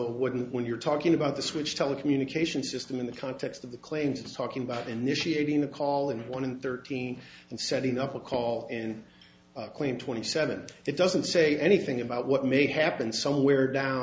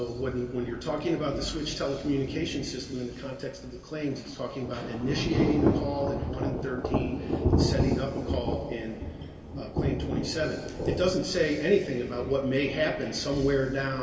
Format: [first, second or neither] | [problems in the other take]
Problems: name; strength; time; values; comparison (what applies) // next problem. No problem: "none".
first | background sound (Thunder / Rain); 2 dB below the speech // room echo; dies away in 2.2 s